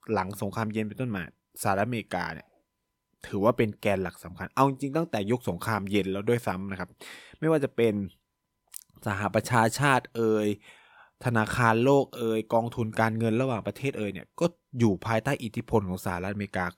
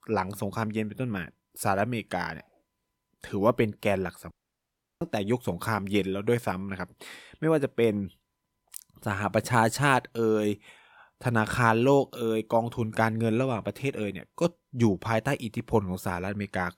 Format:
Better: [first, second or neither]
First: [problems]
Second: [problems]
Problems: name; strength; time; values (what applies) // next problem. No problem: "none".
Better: first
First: none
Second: audio cutting out; at 4.5 s for 0.5 s